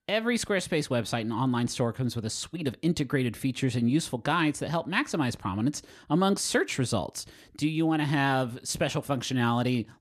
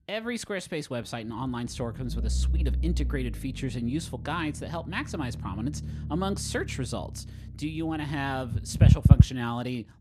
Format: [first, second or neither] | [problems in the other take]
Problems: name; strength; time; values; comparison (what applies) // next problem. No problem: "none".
first | low rumble; loud; throughout; 5 dB below the speech